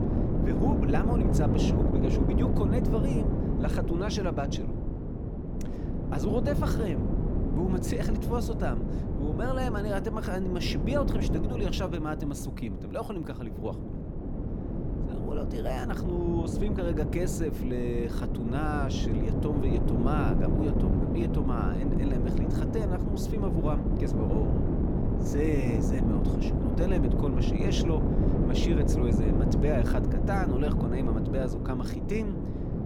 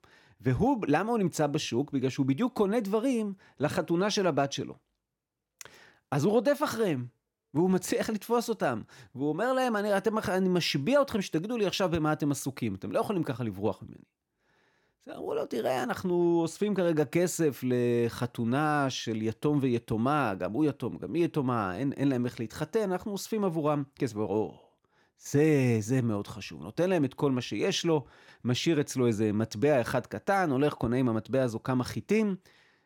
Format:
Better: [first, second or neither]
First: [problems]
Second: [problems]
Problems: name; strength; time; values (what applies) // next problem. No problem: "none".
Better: second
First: wind noise on the microphone; heavy; 1 dB below the speech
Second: none